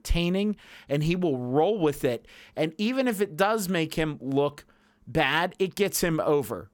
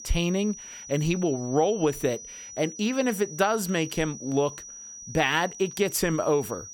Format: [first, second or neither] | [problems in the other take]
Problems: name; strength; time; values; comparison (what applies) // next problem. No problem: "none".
first | high-pitched whine; noticeable; throughout; 6 kHz, 15 dB below the speech